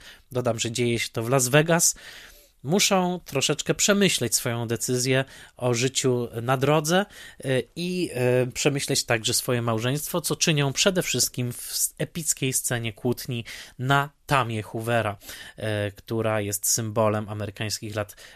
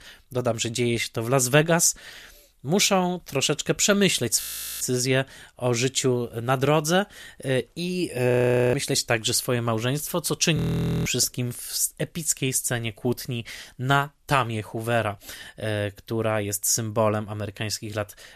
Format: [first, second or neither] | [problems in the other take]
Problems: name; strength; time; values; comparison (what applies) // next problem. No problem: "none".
first | audio freezing; at 4.5 s, at 8.5 s and at 11 s